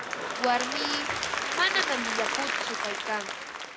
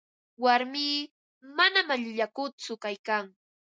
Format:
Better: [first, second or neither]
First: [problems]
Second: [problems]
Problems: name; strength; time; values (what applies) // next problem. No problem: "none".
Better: second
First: background sound (Applause / Crowd); 1 dB above the speech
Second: none